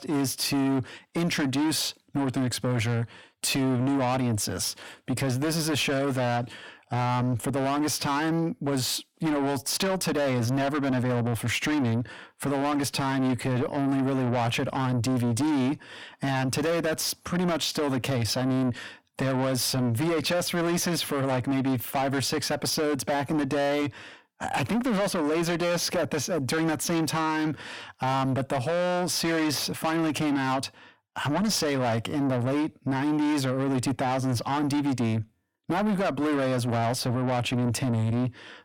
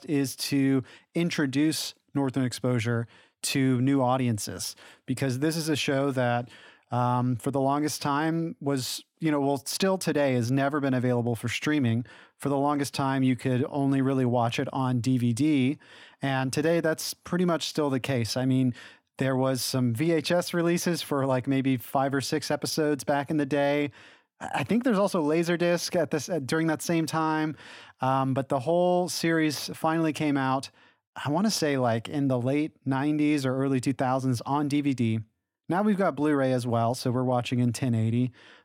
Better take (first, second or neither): second